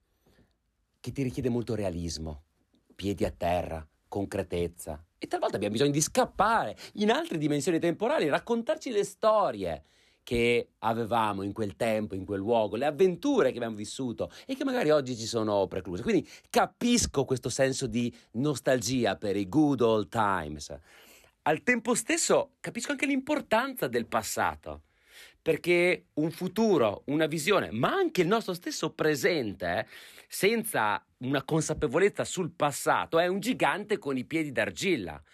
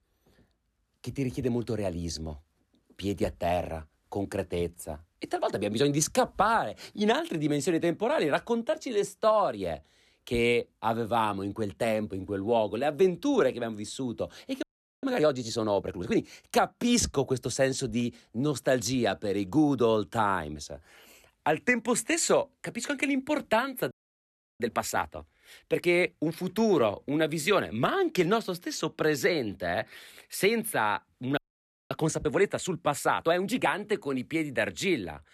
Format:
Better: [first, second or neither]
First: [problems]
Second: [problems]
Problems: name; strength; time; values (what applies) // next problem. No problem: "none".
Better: first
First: none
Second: audio freezing; at 15 s, at 24 s for 0.5 s and at 31 s for 0.5 s